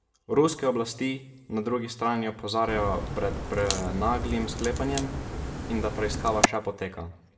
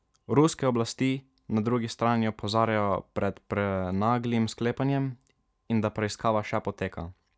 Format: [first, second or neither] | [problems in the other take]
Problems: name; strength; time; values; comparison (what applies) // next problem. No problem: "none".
second | background sound (Crack); 2 dB below the speech // room echo; dies away in 0.6 s